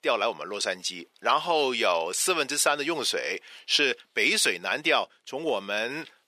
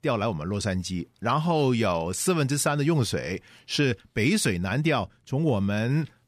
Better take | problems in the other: second | thin; very; fading below 400 Hz

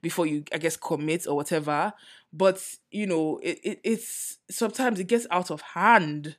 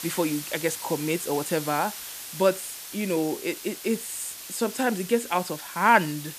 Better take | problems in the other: first | hiss; loud; throughout; 9 dB below the speech

